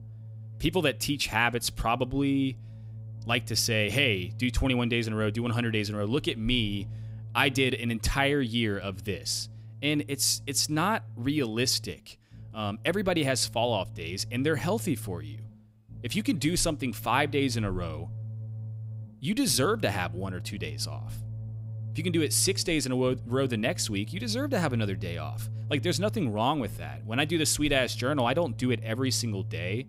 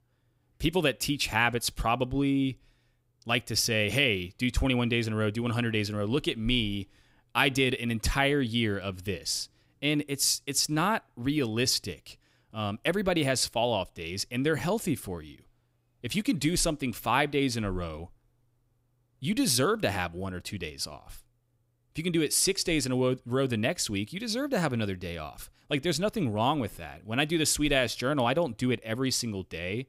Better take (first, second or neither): second